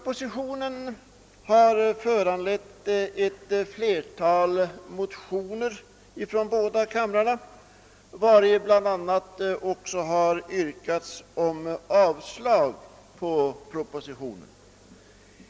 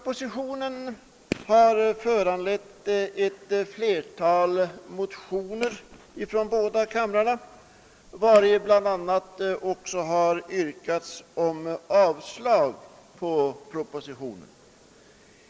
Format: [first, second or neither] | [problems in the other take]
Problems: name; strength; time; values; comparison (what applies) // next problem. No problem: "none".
first | noise reduction (neural mask model Resemble Enhance denoiser)